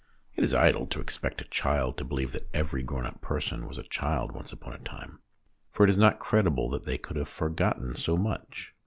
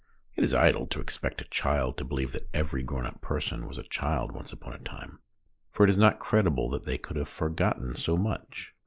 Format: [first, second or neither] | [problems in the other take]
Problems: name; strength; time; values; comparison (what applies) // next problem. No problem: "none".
first | noise reduction (neural mask model Resemble Enhance denoiser)